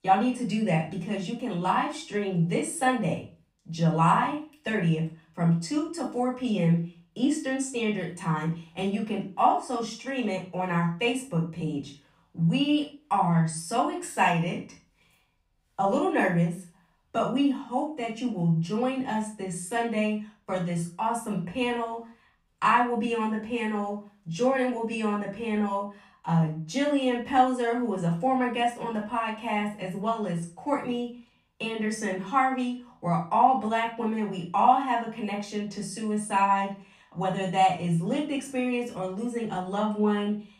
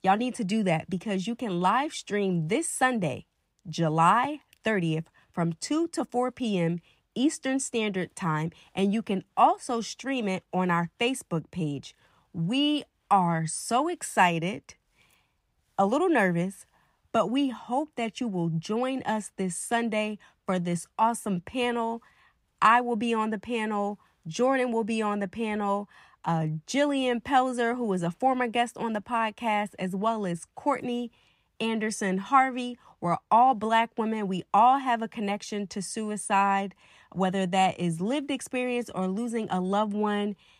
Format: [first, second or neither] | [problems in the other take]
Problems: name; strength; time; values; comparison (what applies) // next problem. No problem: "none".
second | off-mic speech; far // room echo; slight; dies away in 0.3 s